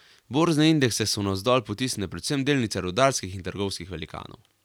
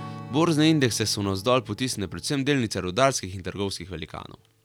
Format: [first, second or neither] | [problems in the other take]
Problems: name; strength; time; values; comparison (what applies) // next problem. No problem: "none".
first | background sound (Strum); 19 dB below the speech